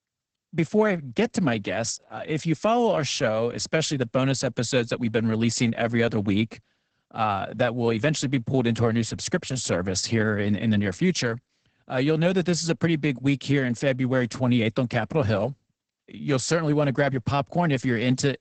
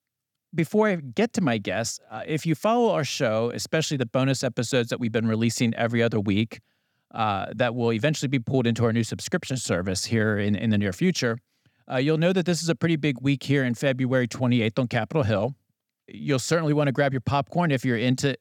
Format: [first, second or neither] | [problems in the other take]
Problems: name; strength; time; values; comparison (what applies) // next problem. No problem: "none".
second | garbled, watery; badly; nothing above 8 kHz